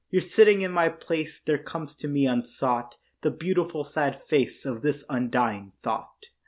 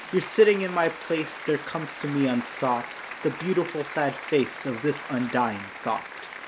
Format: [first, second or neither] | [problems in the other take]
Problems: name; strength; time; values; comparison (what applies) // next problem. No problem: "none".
first | background sound (Applause); 12 dB below the speech